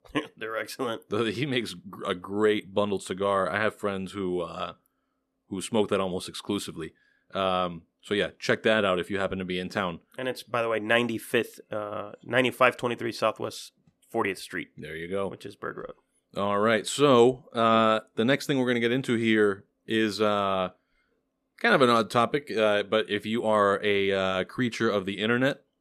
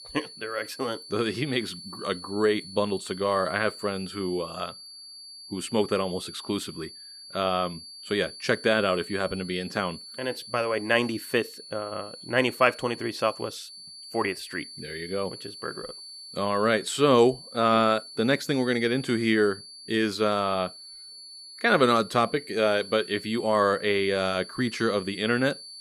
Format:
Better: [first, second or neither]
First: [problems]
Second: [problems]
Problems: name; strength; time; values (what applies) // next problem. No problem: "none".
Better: first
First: none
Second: high-pitched whine; noticeable; throughout; 4.5 kHz, 15 dB below the speech